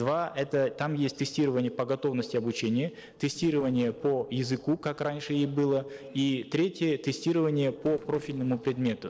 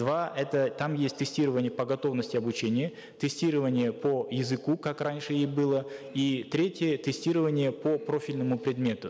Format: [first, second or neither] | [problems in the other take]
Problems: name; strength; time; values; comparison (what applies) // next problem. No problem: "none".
second | noise reduction (neural separator model SepFormer DNS4)